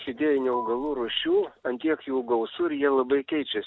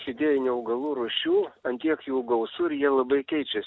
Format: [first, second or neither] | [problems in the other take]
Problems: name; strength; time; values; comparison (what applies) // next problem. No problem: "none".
second | background sound (Marimba, xylophone); 13 dB below the speech